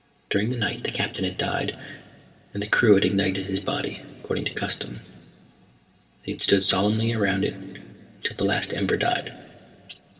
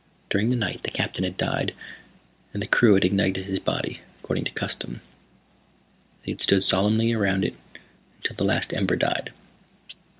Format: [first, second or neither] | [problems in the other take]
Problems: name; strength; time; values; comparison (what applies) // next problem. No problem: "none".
second | room echo; dies away in 2.9 s